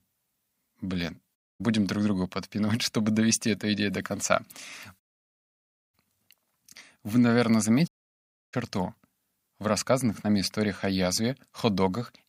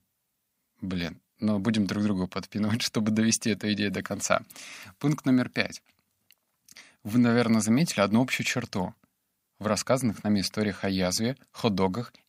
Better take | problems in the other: second | audio cutting out; at 1.5 s, at 5 s for 1 s and at 8 s for 0.5 s

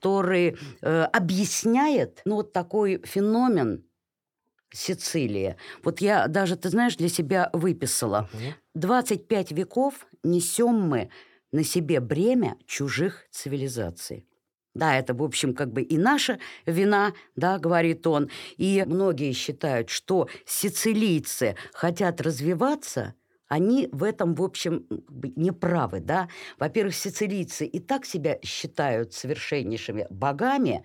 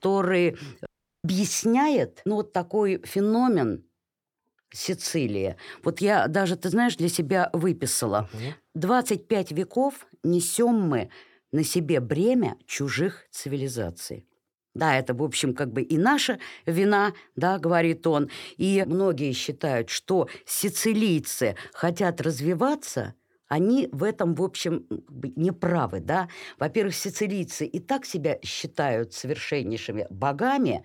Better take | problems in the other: first | audio cutting out; at 1 s

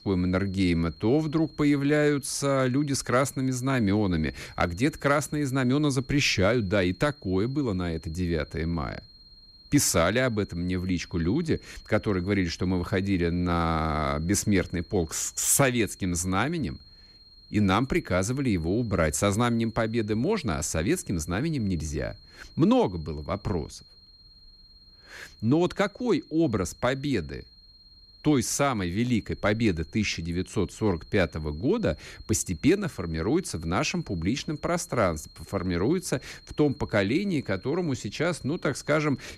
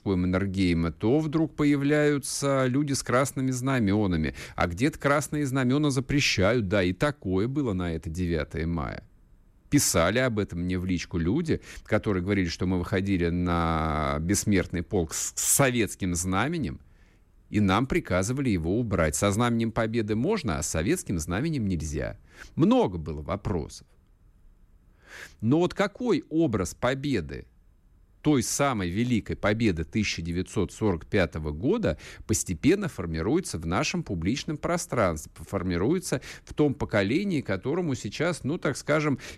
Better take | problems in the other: second | high-pitched whine; faint; throughout; 4 kHz, 25 dB below the speech

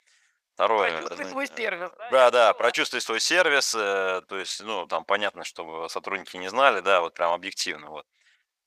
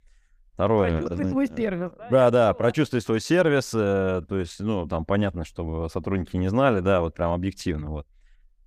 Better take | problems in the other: second | thin; very; fading below 850 Hz

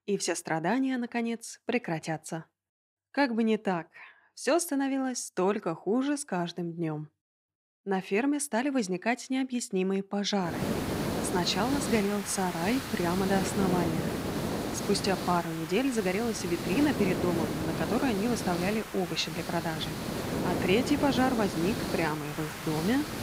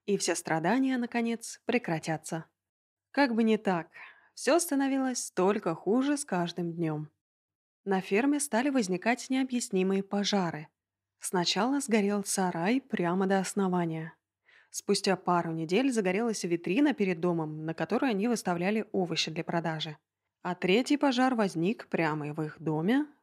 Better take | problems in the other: second | hiss; loud; from 10 s on; 4 dB below the speech

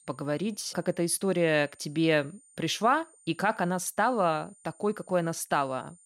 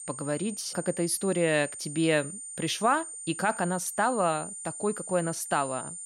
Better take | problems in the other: first | high-pitched whine; loud; throughout; 9 kHz, 9 dB below the speech; faint in the first

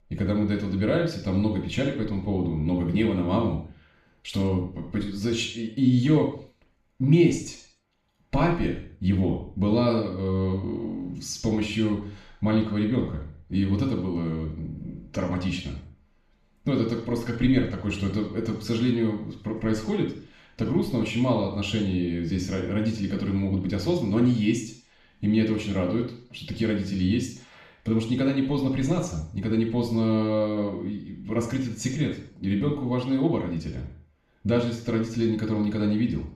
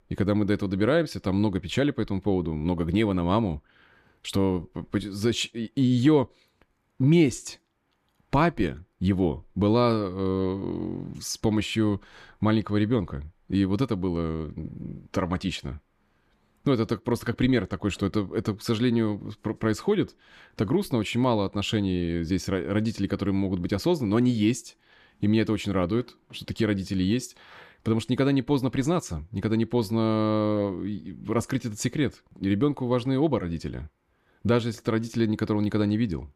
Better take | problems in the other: second | room echo; noticeable; dies away in 0.5 s // off-mic speech; far

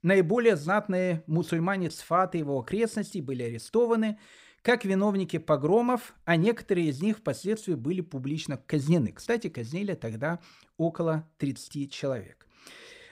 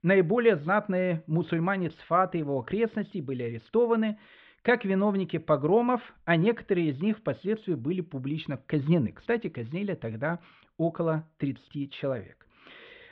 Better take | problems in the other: first | muffled; very; fading above 3.5 kHz

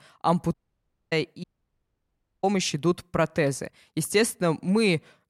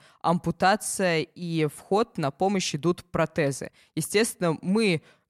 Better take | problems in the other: second | audio cutting out; at 0.5 s for 0.5 s and at 1.5 s for 1 s

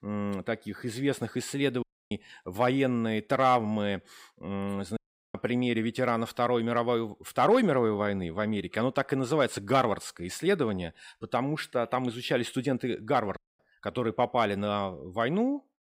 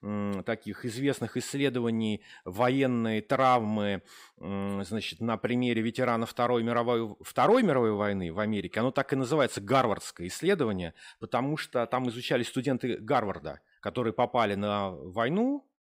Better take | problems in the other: second | audio cutting out; at 2 s, at 5 s and at 13 s

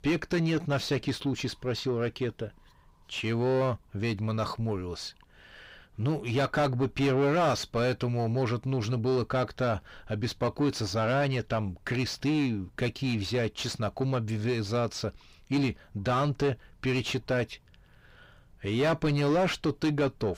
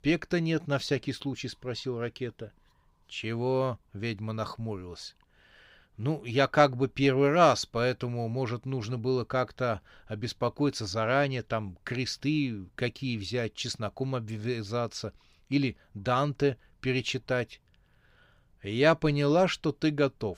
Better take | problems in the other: second | distortion; heavy; 7 dB below the speech

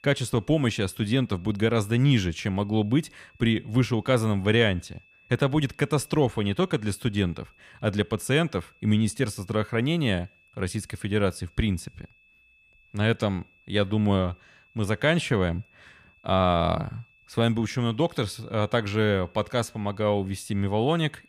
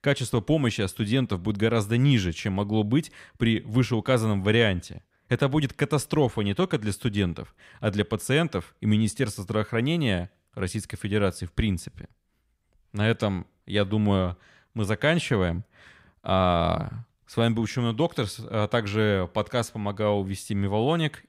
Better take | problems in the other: second | high-pitched whine; faint; throughout; 2.5 kHz, 30 dB below the speech

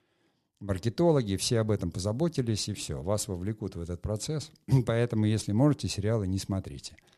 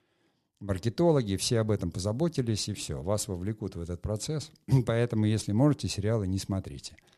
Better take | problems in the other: neither | none

